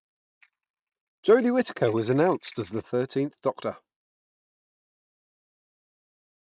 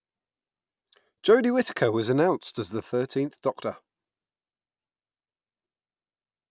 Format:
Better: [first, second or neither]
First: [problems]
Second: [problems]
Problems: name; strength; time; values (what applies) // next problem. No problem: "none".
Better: second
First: noise reduction (neural mask model RNNoise)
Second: none